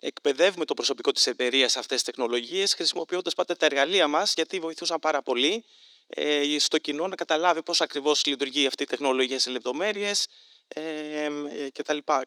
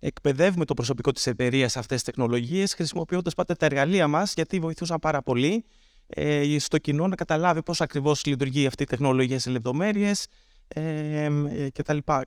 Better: second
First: thin; somewhat; fading below 300 Hz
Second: none

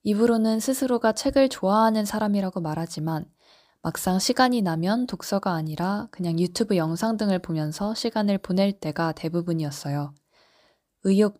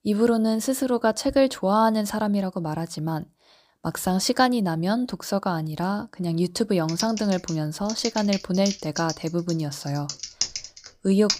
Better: first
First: none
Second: keyboard typing; noticeable; from 7 s on; peak 2 dB below the speech

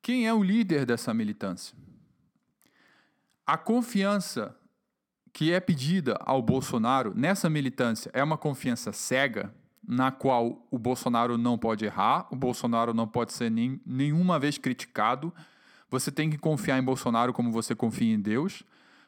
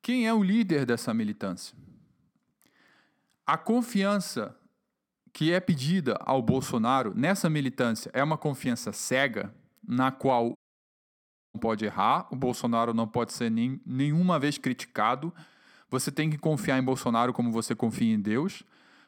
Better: first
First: none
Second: audio cutting out; at 11 s for 1 s

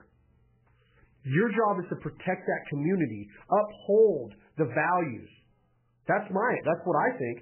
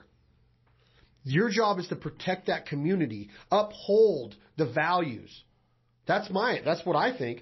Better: second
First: garbled, watery; badly; nothing above 2.5 kHz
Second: garbled, watery; slightly; nothing above 5.5 kHz

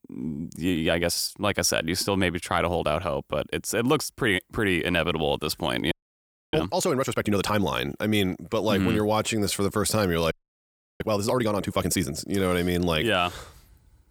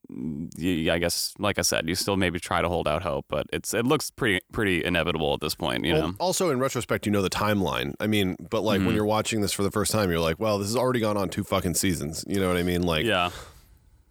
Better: second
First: audio freezing; at 6 s for 0.5 s and at 10 s for 0.5 s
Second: none

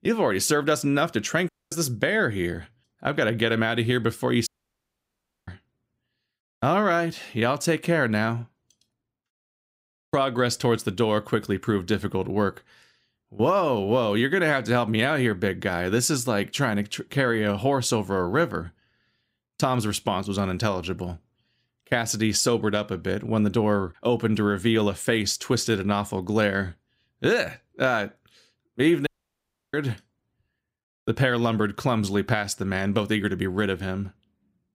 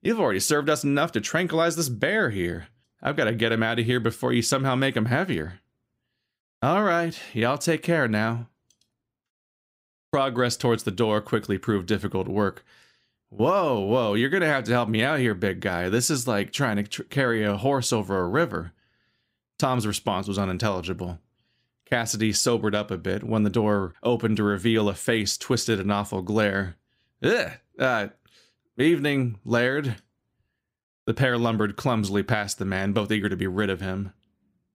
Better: second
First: audio cutting out; at 1.5 s, at 4.5 s for 1 s and at 29 s for 0.5 s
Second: none

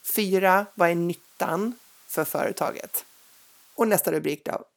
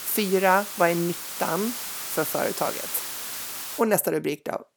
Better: first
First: hiss; faint; until 4 s; 25 dB below the speech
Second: hiss; loud; until 4 s; 6 dB below the speech

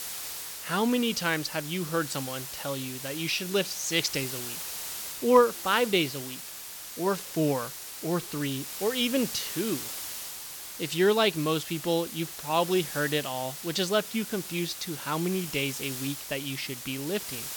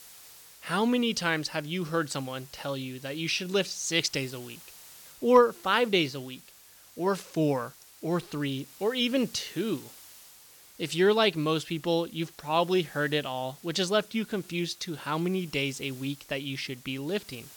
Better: second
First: hiss; loud; throughout; 8 dB below the speech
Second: hiss; faint; throughout; 20 dB below the speech

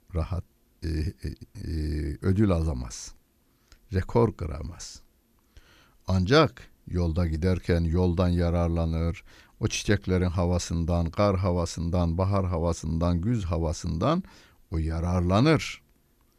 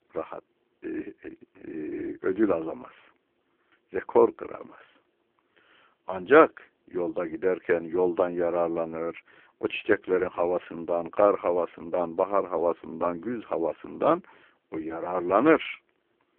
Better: first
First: none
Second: phone-call audio; poor line

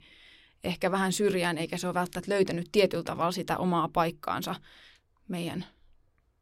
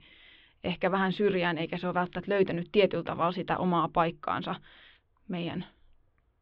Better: first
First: none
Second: muffled; very; fading above 3.5 kHz

